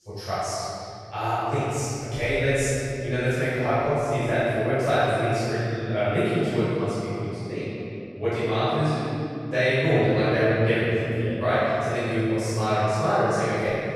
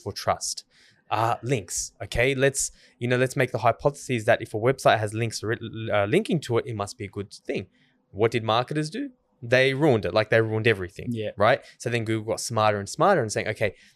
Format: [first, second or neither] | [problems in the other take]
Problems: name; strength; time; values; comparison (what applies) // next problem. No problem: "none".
second | room echo; strong; dies away in 3 s // off-mic speech; far